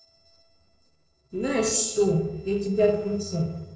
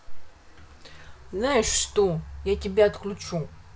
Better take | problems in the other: second | noise reduction (neural separator model SepFormer DNS4)

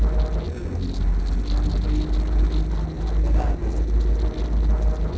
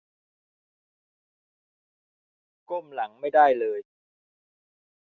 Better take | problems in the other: second | noise reduction (neural separator model SepFormer DNS4)

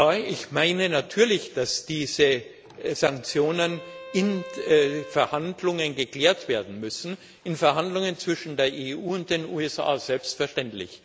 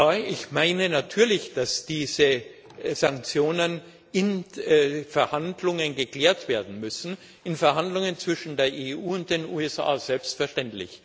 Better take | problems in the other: second | background sound (Bowed string instrument); 17 dB below the speech

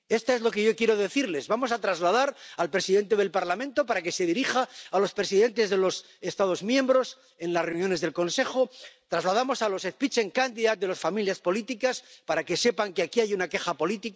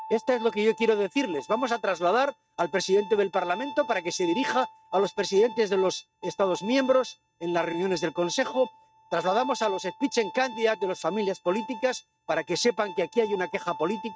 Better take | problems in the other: first | noise reduction (neural mask model RNNoise)

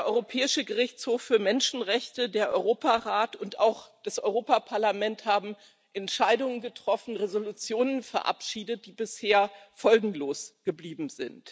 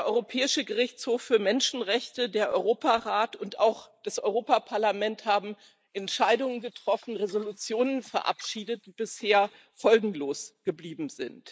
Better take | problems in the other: first | noise reduction (neural mask model Resemble Enhance denoiser)

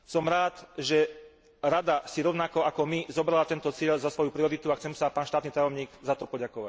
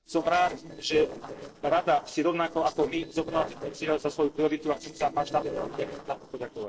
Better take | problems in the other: first | noise reduction (neural separator model SepFormer DNS4)

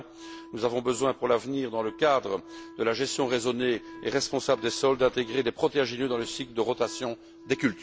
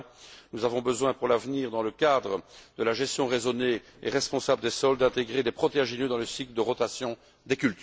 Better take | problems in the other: second | background sound (Wind instrument, woodwind instrument); 19 dB below the speech

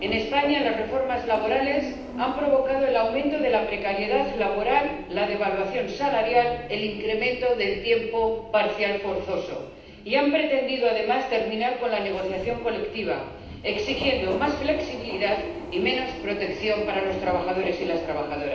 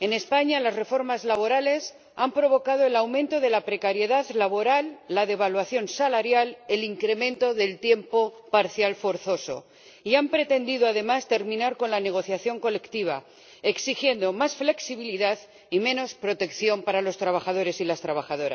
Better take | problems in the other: second | background sound (Subway, metro, underground); 13 dB below the speech // room echo; dies away in 0.9 s

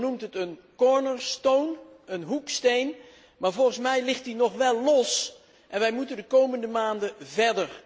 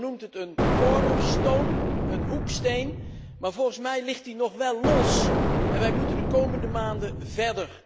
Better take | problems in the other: first | background sound (Explosion); 4 dB above the speech

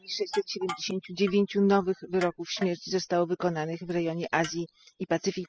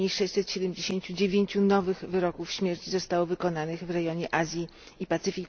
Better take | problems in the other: second | noise reduction (classical method spectral subtraction)

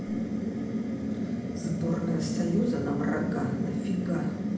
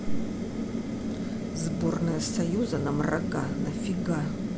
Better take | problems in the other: second | room echo; dies away in 0.8 s

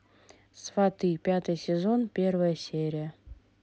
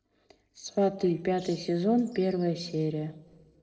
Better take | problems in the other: first | noise reduction (neural separator model SepFormer DNS4)

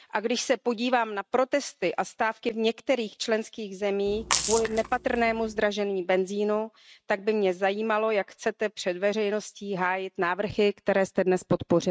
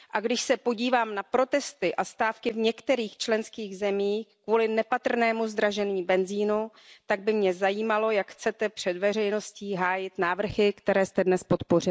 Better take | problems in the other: second | noise reduction (neural mask model RNNoise)

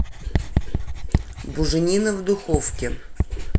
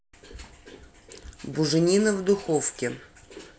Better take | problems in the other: second | background sound (Writing); 2 dB above the speech

